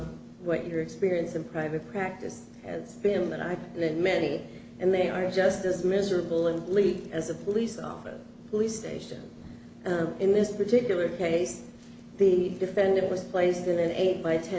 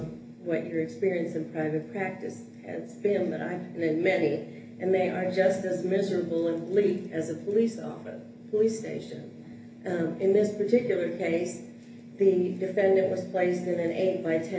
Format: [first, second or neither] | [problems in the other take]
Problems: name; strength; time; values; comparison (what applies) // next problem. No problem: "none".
first | room echo; dies away in 0.3 s